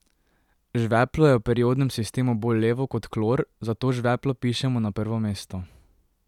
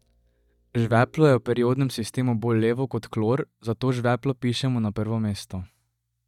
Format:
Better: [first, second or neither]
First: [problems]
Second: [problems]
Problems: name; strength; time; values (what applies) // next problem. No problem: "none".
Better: first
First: none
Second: noise reduction (neural mask model DeepFilterNet 3)